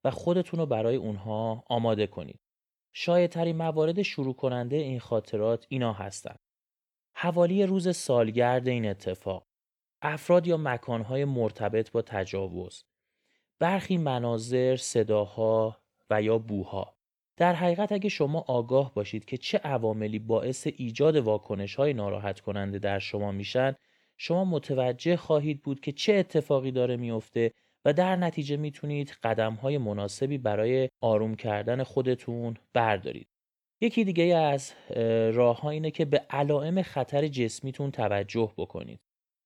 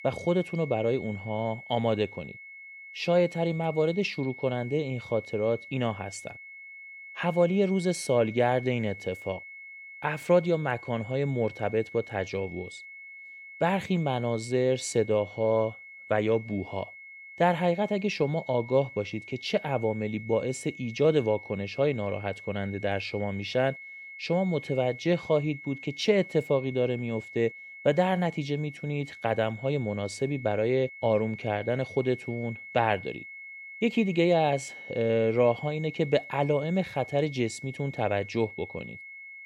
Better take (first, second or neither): first